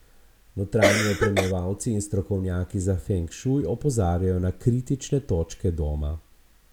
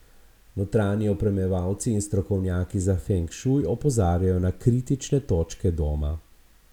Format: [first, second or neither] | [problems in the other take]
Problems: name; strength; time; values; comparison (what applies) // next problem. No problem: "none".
second | background sound (Cough); 3 dB above the speech